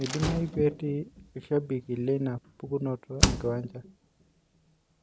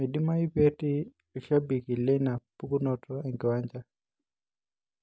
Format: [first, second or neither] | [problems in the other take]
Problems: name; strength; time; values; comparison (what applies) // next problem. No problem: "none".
second | background sound (Slam); 3 dB below the speech